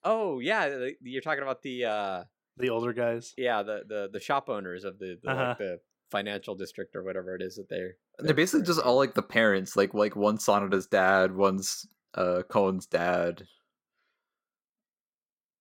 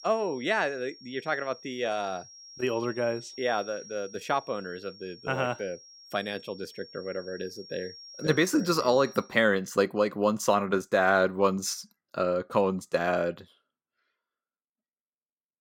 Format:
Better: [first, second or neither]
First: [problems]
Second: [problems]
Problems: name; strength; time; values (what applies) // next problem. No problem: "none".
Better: first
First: none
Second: high-pitched whine; noticeable; until 9.5 s; 5.5 kHz, 20 dB below the speech